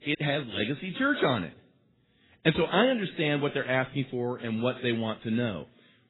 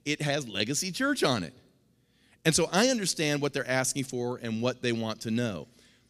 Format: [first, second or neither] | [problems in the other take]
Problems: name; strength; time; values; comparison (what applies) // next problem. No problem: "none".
second | garbled, watery; badly; nothing above 4 kHz